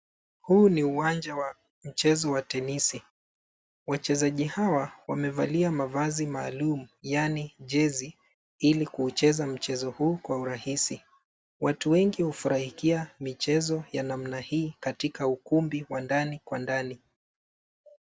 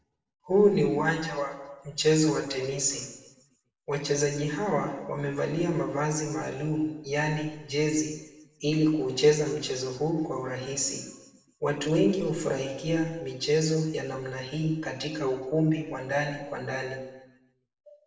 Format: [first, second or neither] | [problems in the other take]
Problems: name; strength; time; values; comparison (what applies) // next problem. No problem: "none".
first | room echo; dies away in 1 s